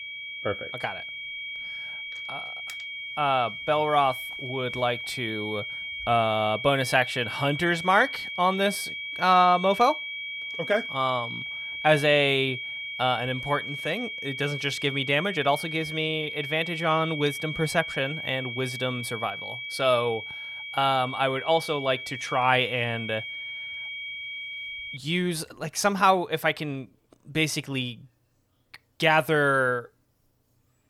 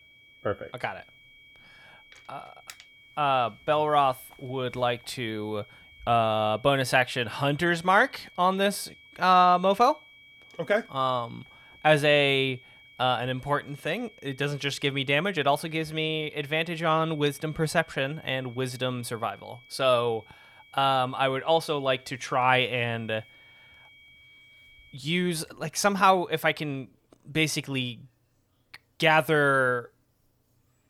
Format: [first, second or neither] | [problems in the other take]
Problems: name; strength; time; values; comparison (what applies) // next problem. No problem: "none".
second | high-pitched whine; loud; until 25 s; 2.5 kHz, 7 dB below the speech; faint in the second